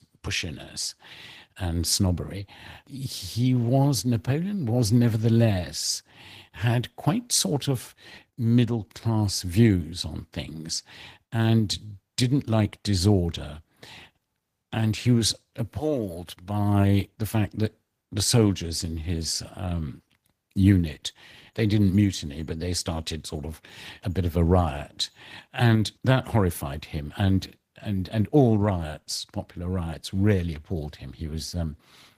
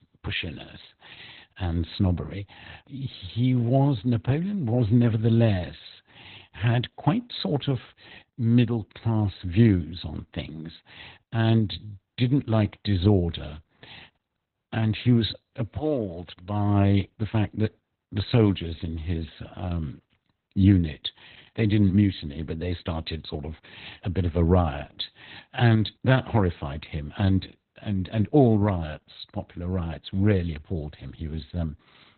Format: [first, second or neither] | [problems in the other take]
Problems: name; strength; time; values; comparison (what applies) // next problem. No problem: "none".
first | garbled, watery; badly; nothing above 4 kHz; slightly in the first